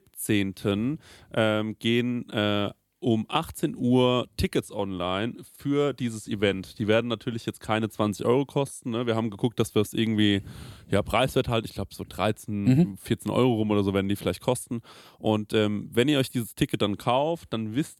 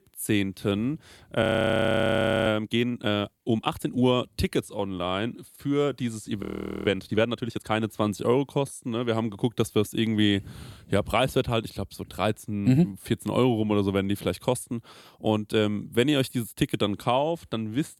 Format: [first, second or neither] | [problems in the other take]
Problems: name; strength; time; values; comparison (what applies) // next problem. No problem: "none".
first | audio freezing; at 1.5 s for 1 s and at 6.5 s